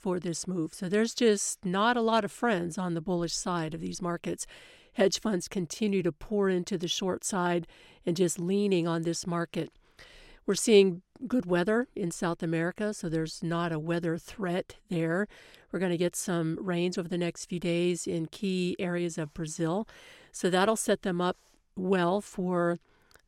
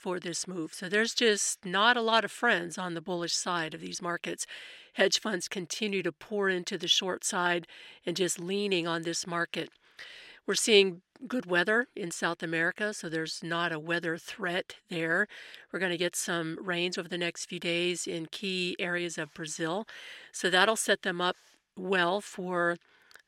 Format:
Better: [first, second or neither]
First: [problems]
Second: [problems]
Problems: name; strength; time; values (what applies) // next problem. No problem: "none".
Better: first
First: none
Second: thin; somewhat; fading below 400 Hz